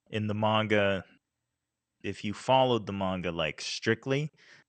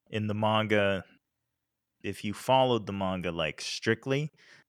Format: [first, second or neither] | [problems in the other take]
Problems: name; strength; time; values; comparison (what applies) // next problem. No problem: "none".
second | garbled, watery; slightly; nothing above 8.5 kHz